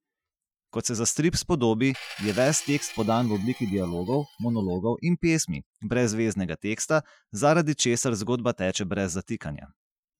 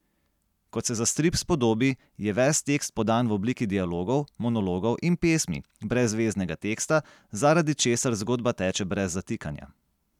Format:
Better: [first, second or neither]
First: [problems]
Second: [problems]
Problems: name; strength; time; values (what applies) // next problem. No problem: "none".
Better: second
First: noise reduction (classical method Wiener filter)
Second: none